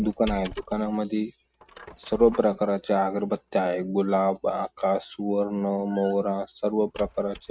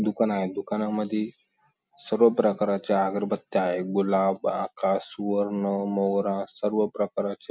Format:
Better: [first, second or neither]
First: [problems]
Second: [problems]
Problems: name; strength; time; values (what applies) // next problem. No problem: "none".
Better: second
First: noise reduction (neural mask model RNNoise)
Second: none